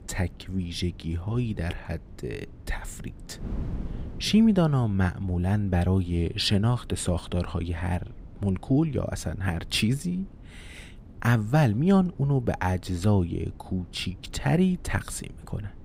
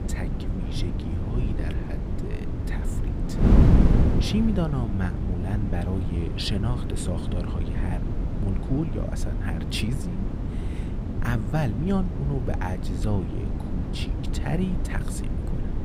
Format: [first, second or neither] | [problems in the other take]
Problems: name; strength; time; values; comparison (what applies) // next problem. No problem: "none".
first | wind noise on the microphone; heavy; 2 dB below the speech; occasional gusts in the first